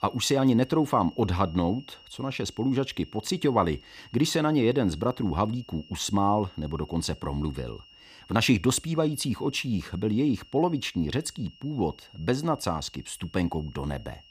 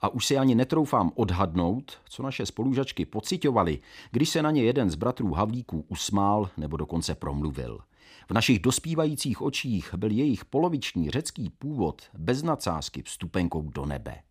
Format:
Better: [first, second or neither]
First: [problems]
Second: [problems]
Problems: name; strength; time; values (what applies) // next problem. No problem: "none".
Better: second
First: high-pitched whine; faint; throughout; 3 kHz, 25 dB below the speech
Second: none